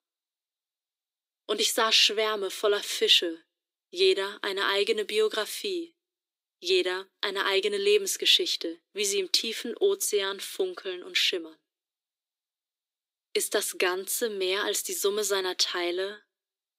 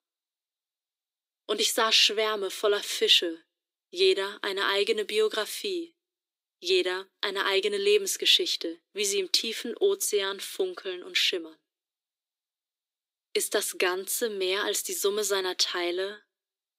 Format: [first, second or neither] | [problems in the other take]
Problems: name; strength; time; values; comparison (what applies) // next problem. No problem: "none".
neither | thin; very; fading below 300 Hz; the same in both